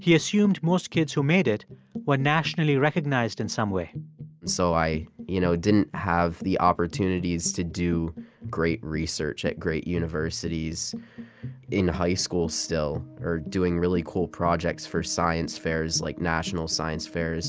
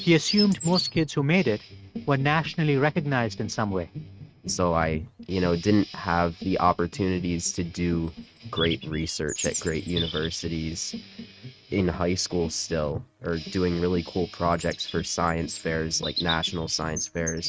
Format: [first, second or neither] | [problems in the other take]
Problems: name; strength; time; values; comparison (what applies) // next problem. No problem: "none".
first | noise reduction (neural mask model RNNoise)